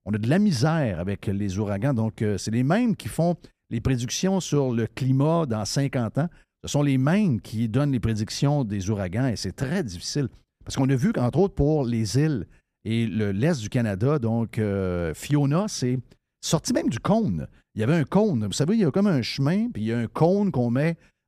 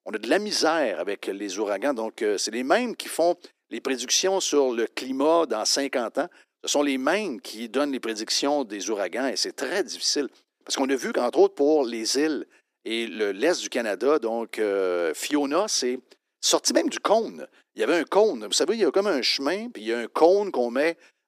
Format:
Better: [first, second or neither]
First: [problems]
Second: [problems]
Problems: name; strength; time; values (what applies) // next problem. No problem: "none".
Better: first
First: none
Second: thin; somewhat; fading below 300 Hz